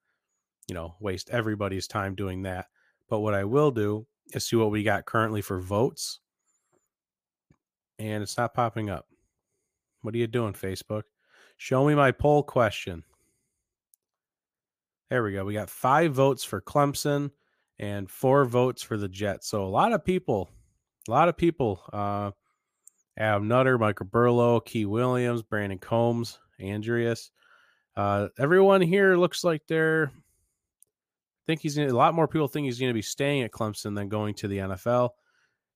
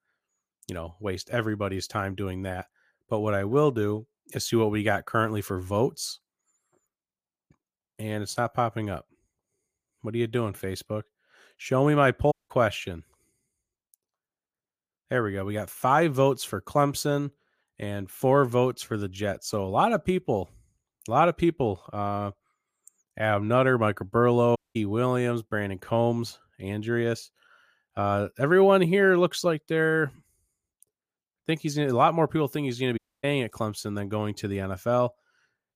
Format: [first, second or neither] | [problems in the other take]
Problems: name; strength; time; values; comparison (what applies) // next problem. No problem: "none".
first | audio cutting out; at 12 s, at 25 s and at 33 s